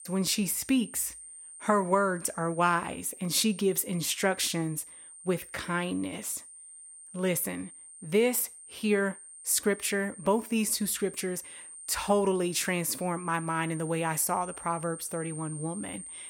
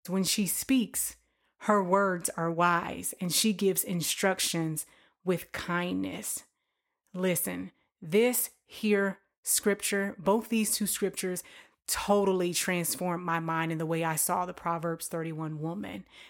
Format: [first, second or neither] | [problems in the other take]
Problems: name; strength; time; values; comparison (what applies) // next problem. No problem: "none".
second | high-pitched whine; noticeable; throughout; 9 kHz, 15 dB below the speech